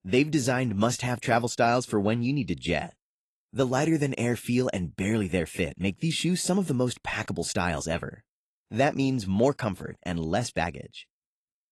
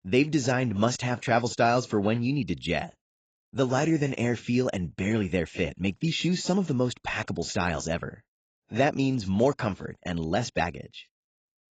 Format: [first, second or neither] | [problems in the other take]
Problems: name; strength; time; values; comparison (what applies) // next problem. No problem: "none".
first | garbled, watery; badly; nothing above 7.5 kHz; slightly in the first